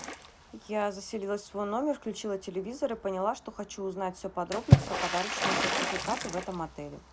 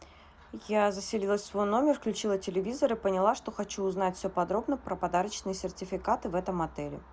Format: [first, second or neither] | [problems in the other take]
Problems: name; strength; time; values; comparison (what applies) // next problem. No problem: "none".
second | background sound (Water / Splash, splatter); 2 dB above the speech